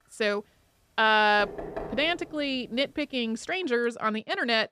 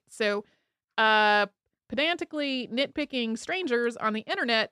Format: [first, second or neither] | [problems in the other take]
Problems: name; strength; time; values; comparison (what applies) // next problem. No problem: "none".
second | door banging; noticeable; at 1.5 s; peak 10 dB below the speech